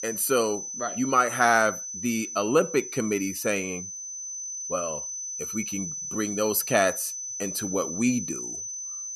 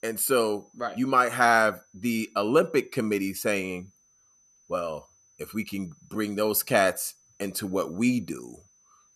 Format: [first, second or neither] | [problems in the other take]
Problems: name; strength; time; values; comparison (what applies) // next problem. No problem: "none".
second | high-pitched whine; loud; throughout; 6 kHz, 6 dB below the speech; faint in the second